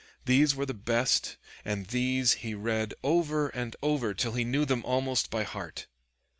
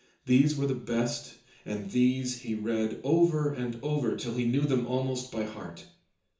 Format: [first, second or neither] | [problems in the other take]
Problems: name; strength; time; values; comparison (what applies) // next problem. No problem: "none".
first | room echo; dies away in 0.6 s